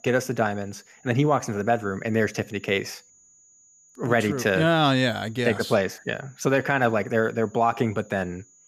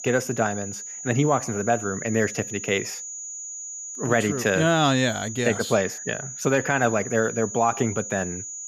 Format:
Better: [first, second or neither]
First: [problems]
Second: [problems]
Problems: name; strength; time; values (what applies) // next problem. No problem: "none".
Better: first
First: high-pitched whine; faint; throughout; 7 kHz, 30 dB below the speech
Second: high-pitched whine; loud; throughout; 7 kHz, 9 dB below the speech